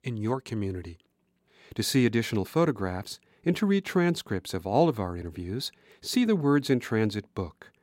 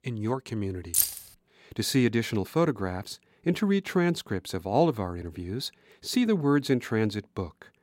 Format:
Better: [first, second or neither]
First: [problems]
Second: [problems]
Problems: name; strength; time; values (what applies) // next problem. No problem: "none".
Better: first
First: none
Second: jangling keys; loud; at 1 s; peak 4 dB above the speech